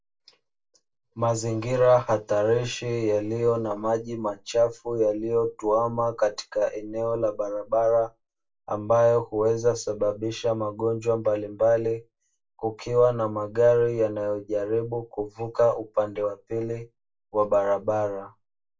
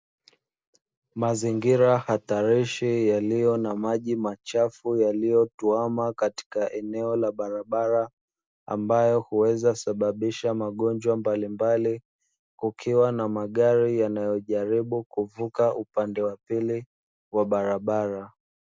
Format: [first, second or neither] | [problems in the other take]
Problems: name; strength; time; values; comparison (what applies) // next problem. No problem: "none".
second | room echo; dies away in 0.1 s